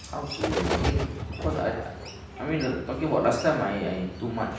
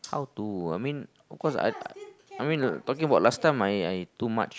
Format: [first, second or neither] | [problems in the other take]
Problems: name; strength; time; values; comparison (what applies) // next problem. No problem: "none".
second | background sound (Bird); 4 dB below the speech // room echo; dies away in 0.9 s